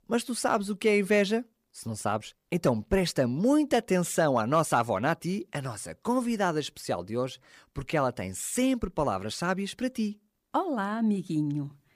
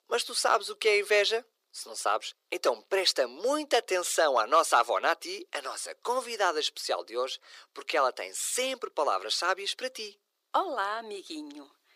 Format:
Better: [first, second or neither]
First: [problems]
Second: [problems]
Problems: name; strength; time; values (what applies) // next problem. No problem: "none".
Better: first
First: none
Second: thin; very; fading below 350 Hz